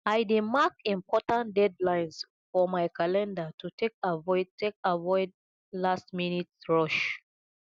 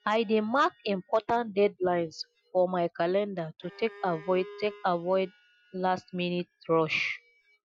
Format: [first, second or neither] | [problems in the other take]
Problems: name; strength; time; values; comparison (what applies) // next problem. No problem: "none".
first | noise reduction (classical method Wiener filter)